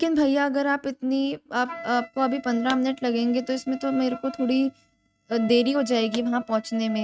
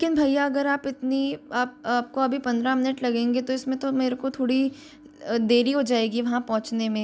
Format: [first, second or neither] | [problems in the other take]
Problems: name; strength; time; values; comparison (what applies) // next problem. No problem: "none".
second | noise reduction (neural mask model RNNoise)